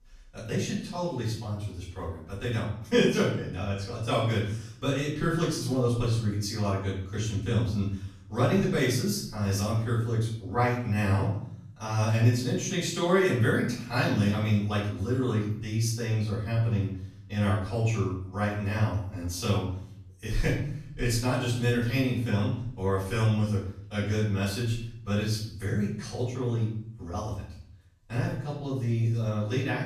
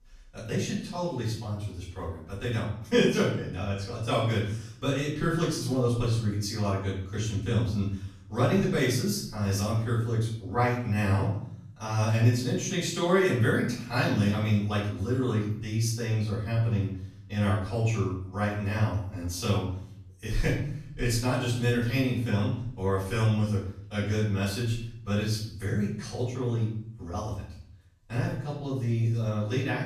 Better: neither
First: off-mic speech; far // room echo; noticeable; dies away in 0.6 s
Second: off-mic speech; far // room echo; noticeable; dies away in 0.6 s

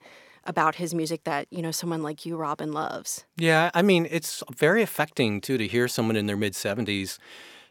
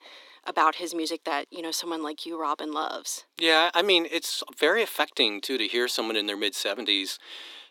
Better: first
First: none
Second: thin; somewhat; fading below 300 Hz

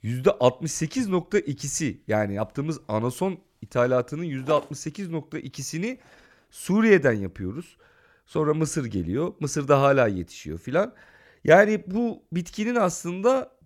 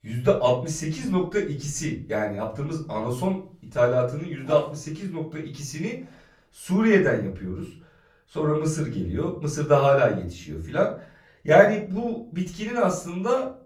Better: first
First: none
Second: off-mic speech; far // room echo; slight; dies away in 0.3 s

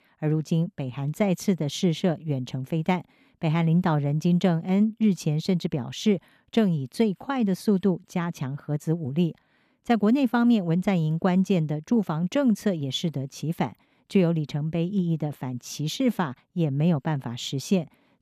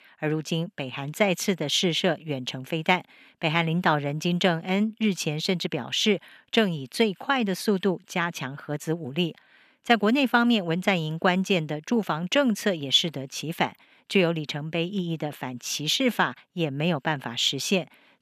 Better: first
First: none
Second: thin; somewhat; fading below 1 kHz

